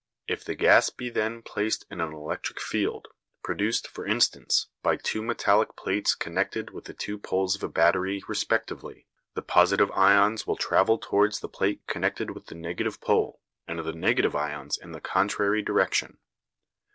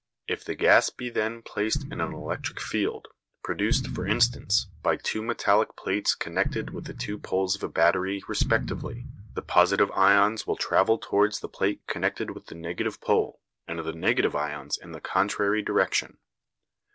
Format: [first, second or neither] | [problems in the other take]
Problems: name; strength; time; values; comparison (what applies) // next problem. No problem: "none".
first | background sound (Explosion); 8 dB below the speech